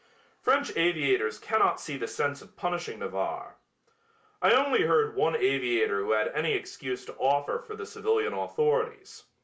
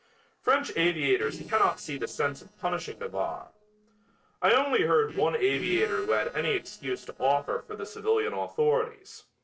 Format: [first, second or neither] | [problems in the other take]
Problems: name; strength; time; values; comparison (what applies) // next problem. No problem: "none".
first | noise reduction (neural separator model SepFormer DNS4)